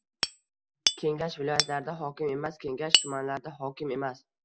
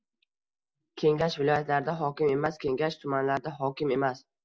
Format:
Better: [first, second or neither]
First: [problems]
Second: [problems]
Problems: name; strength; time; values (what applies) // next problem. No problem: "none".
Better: second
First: background sound (Hammer); 1 dB above the speech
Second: none